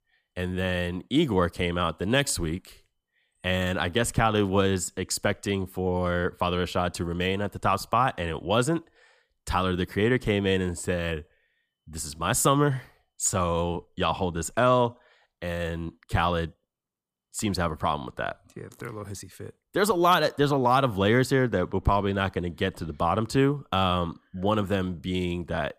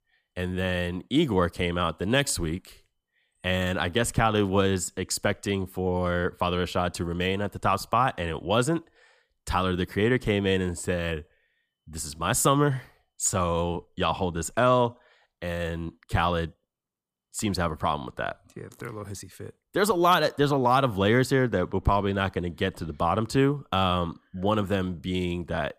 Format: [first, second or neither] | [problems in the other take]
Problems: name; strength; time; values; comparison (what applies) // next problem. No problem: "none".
neither | none